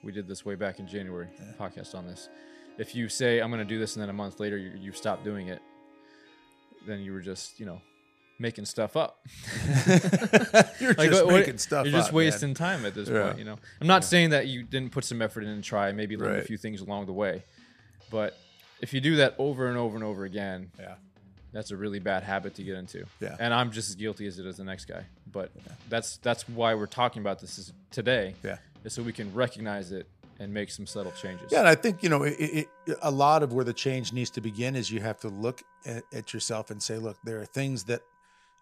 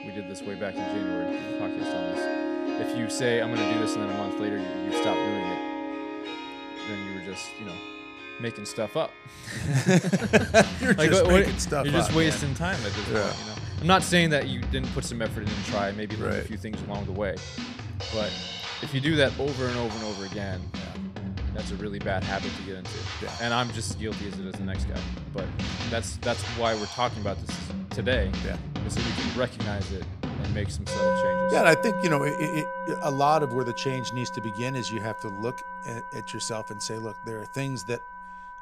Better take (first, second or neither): first